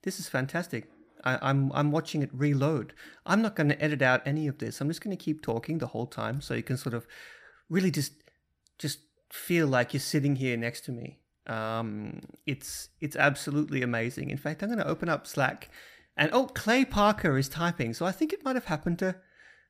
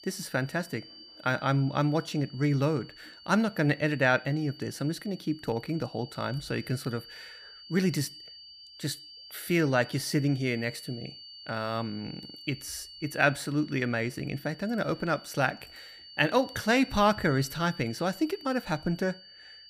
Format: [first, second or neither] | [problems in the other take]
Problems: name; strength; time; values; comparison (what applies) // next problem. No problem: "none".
first | high-pitched whine; noticeable; throughout; 4.5 kHz, 15 dB below the speech